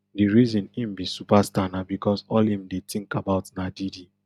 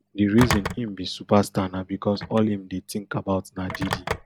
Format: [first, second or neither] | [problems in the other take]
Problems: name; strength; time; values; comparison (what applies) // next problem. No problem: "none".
first | background sound (Telephone); 8 dB below the speech